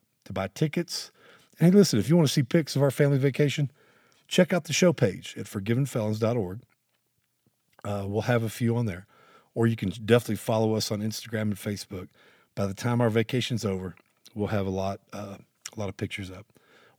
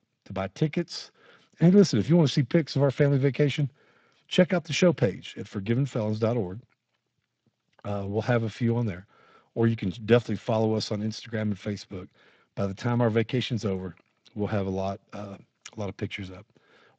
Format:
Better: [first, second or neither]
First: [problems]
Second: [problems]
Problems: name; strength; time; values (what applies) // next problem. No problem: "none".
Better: first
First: none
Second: garbled, watery; slightly